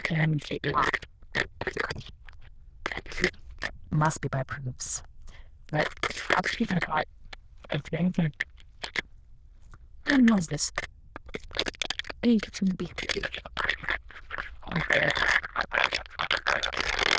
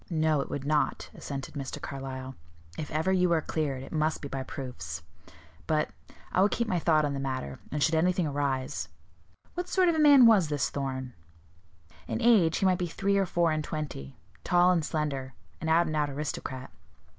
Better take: second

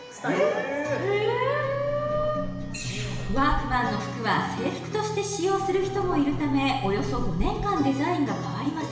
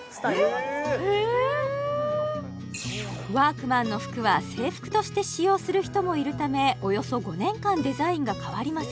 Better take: second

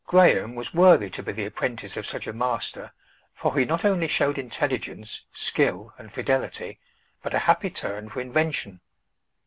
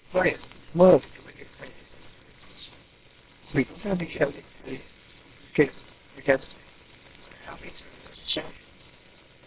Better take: first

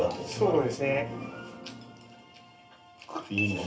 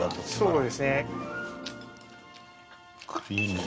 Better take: second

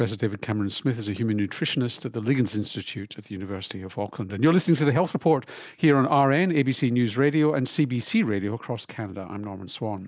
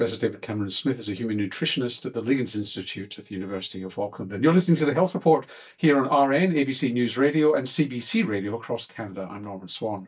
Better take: first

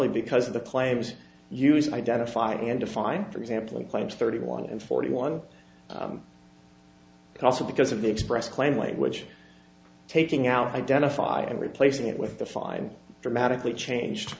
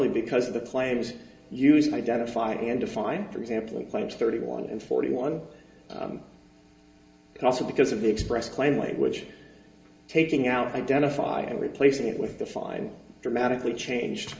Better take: first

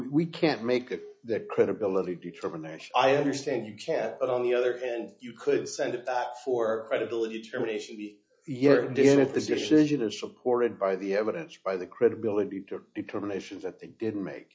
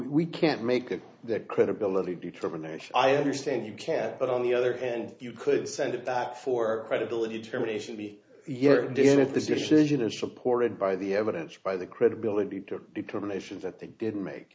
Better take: second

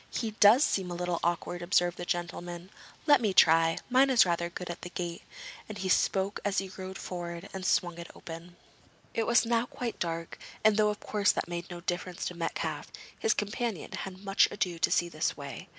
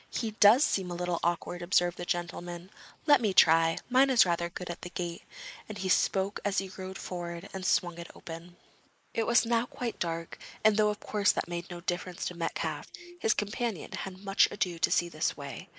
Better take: first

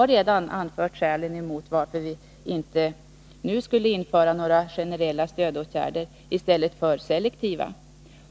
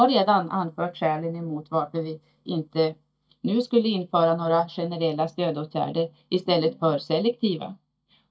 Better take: first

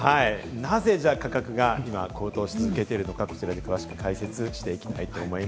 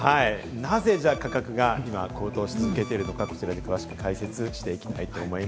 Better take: first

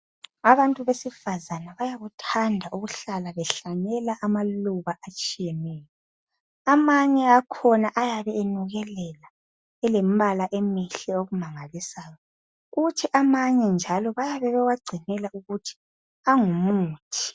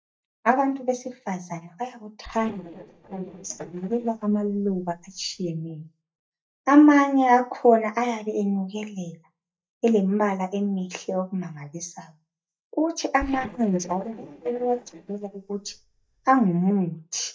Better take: first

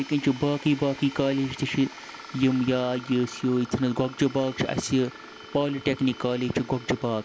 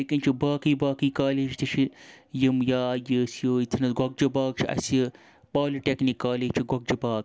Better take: second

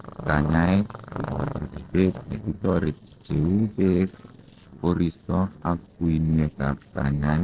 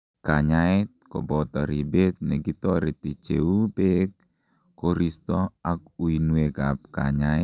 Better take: second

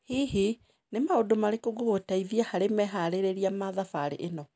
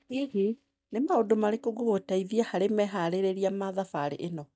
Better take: first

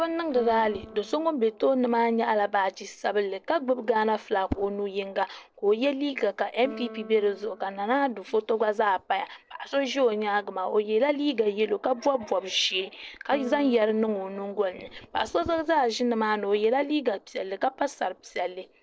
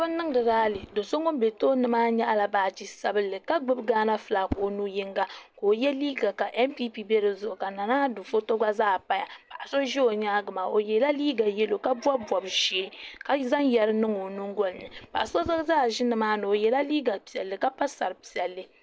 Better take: second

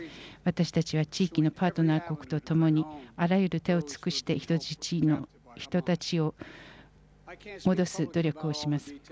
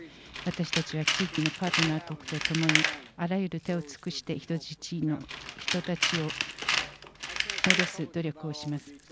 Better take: first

